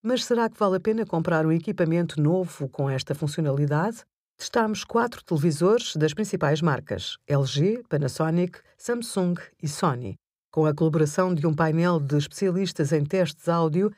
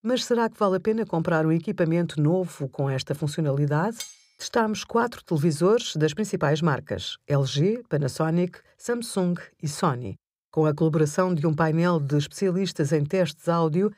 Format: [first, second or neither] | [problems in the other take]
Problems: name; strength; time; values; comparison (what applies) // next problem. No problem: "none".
first | clattering dishes; faint; at 4 s; peak 15 dB below the speech